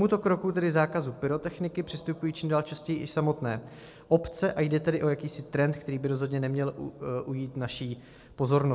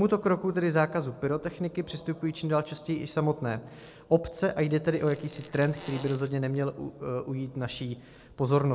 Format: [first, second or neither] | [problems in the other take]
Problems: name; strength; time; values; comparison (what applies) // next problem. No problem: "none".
first | background sound (Fart); 18 dB below the speech